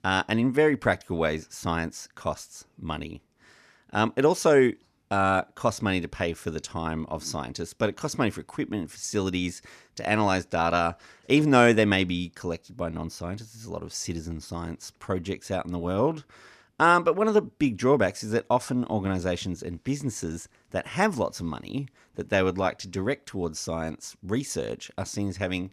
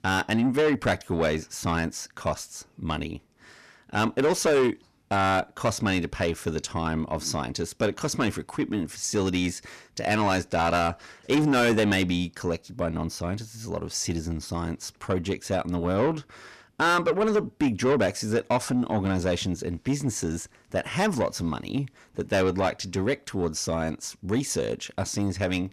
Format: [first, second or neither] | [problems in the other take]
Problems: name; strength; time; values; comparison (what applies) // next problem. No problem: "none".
first | distortion; heavy; 8 dB below the speech